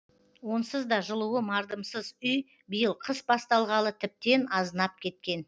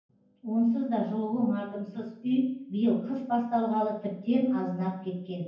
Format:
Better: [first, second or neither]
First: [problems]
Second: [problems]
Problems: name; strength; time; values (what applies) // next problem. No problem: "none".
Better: first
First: none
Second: room echo; dies away in 0.9 s